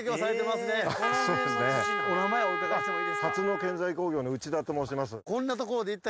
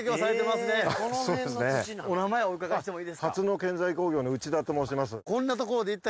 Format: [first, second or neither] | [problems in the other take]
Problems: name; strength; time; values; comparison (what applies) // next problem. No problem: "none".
second | background sound (Trumpet); 1 dB below the speech